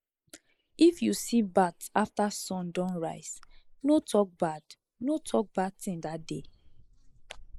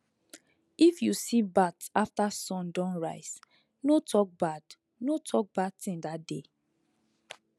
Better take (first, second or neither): second